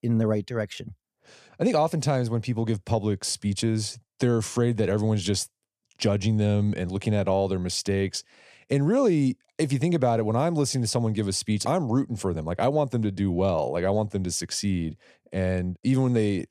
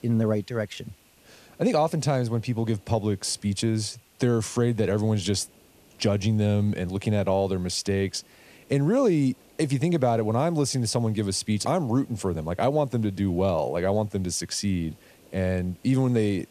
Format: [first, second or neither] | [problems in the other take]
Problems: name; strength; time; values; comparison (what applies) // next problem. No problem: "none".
first | hiss; faint; throughout; 30 dB below the speech